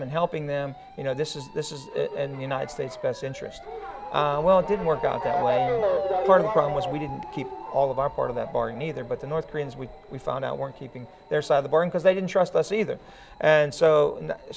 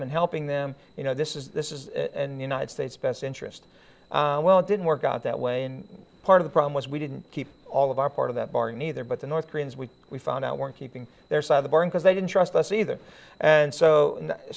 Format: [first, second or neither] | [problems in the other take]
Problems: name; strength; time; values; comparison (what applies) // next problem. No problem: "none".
second | background sound (Motor vehicle (road) / Siren); 7 dB below the speech